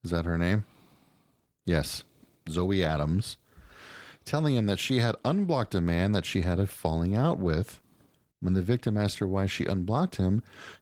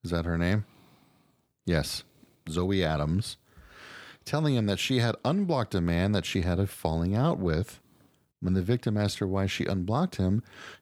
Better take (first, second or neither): second